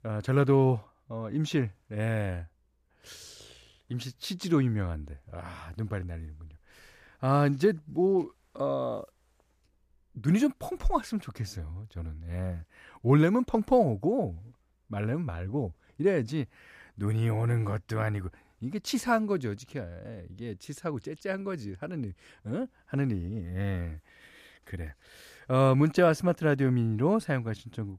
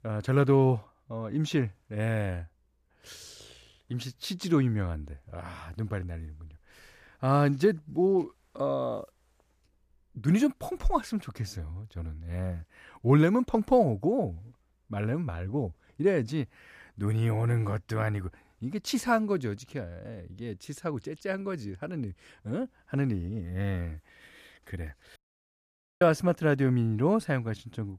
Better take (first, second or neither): first